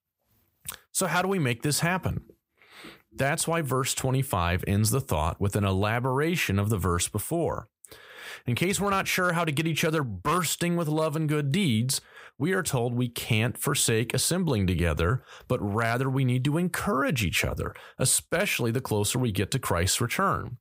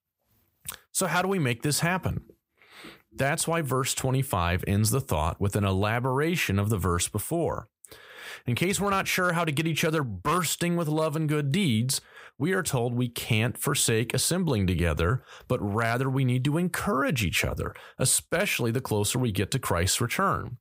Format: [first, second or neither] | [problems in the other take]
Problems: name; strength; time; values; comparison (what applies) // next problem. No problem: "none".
neither | none